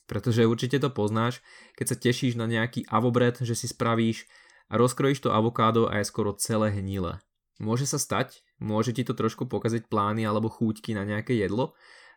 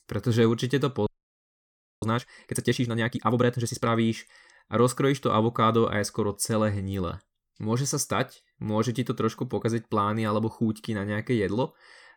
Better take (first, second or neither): first